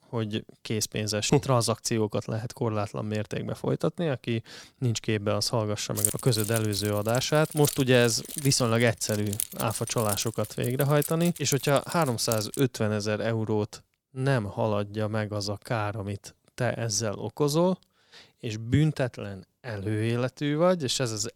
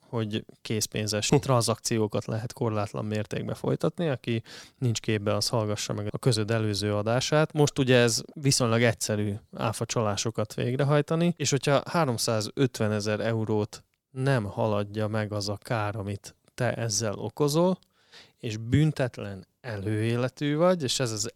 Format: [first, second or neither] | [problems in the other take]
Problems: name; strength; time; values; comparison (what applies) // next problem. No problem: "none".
second | jangling keys; loud; from 6 to 13 s; peak 1 dB above the speech